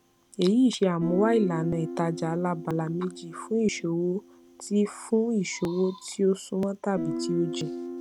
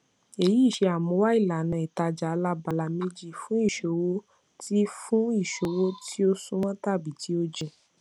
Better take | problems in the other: second | background sound (Guitar); 10 dB below the speech

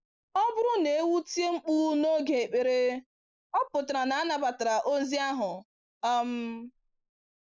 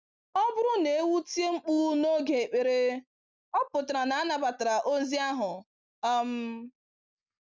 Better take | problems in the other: second | noise reduction (neural mask model Resemble Enhance denoiser)

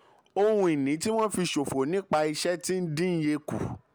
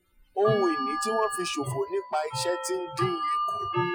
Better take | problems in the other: first | noise reduction (classical method Wiener filter)

